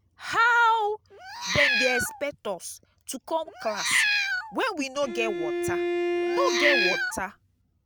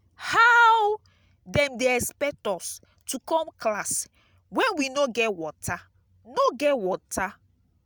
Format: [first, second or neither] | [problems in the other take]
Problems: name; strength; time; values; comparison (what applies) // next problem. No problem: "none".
second | background sound (Bowed string instrument + Meow); 1 dB above the speech